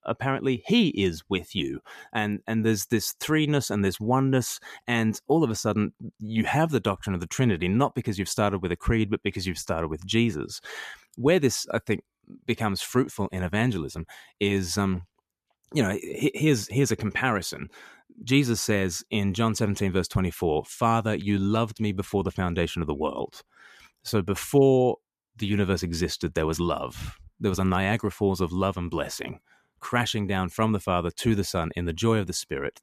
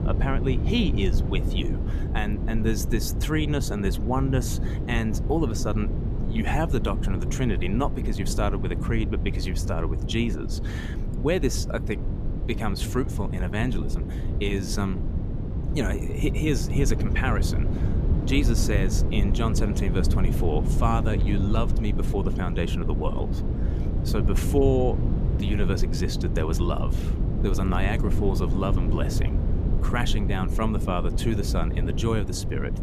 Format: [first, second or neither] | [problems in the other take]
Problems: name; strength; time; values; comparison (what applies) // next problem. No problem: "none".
first | low rumble; loud; throughout; 7 dB below the speech